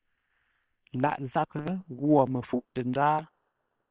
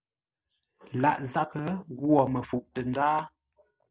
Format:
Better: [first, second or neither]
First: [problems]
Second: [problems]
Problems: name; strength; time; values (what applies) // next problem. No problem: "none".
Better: second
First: noise reduction (neural separator model SepFormer WHAM!)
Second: none